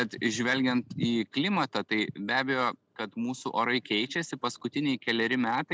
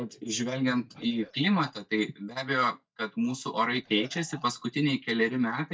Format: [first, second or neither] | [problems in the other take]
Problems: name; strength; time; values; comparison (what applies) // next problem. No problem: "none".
first | noise reduction (neural mask model DeepFilterNet 3)